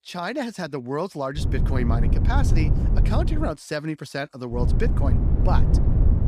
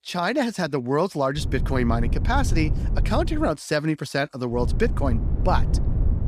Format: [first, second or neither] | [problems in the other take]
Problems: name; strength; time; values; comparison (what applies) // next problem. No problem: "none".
second | wind noise on the microphone; heavy; from 1.5 to 3.5 s and from 4.5 s on; 5 dB below the speech; occasional gusts in the second